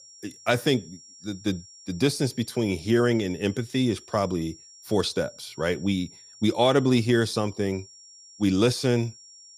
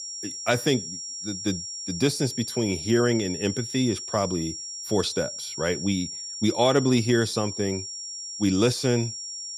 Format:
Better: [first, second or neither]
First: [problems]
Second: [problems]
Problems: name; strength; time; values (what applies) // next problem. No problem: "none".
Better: first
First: high-pitched whine; faint; throughout; 5.5 kHz, 20 dB below the speech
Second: high-pitched whine; loud; throughout; 5.5 kHz, 7 dB below the speech